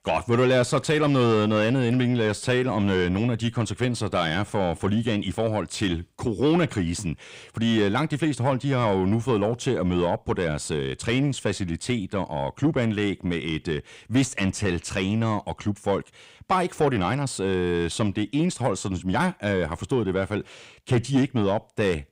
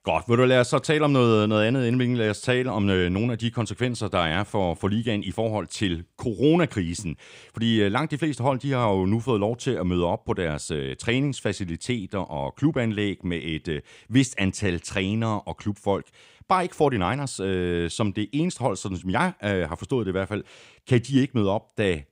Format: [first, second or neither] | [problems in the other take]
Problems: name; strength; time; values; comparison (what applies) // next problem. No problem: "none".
second | distortion; slight; 10 dB below the speech